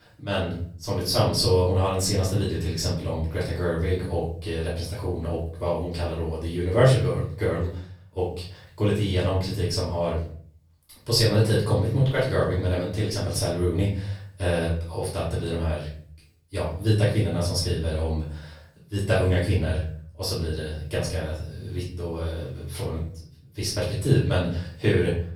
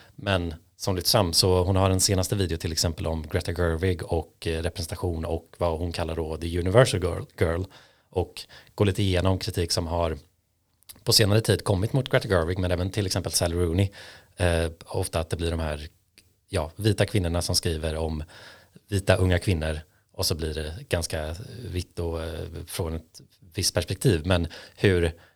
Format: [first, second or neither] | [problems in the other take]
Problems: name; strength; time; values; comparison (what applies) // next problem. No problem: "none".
second | off-mic speech; far // room echo; noticeable; dies away in 0.6 s